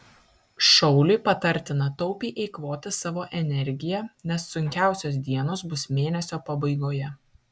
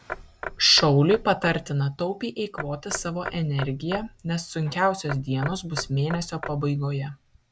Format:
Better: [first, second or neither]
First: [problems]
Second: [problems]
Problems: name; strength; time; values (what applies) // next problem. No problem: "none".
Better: first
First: none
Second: background sound (Knock / Wood); 13 dB below the speech